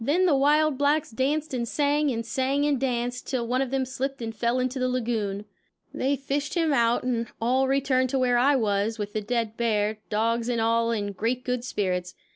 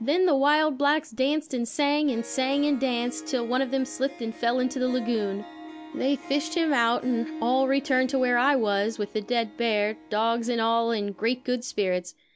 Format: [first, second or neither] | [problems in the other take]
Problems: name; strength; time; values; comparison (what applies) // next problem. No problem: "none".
first | background sound (Harp); 18 dB below the speech